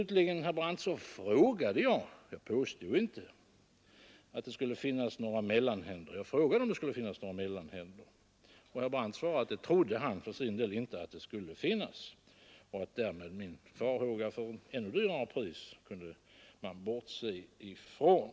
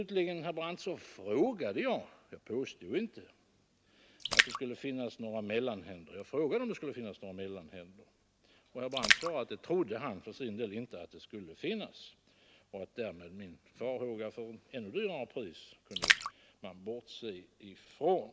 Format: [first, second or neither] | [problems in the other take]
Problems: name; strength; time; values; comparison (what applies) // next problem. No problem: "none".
first | background sound (Splash, splatter); 3 dB above the speech